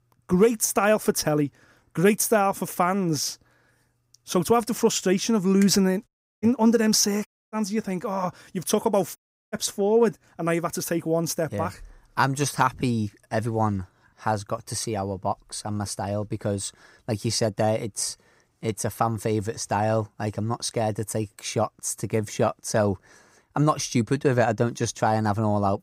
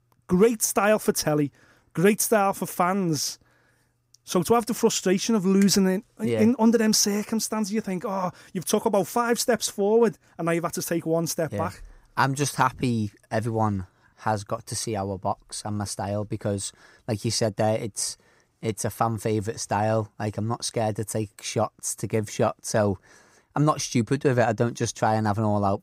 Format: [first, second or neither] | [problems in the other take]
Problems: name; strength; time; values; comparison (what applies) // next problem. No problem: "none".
second | audio cutting out; at 6 s, at 7.5 s and at 9 s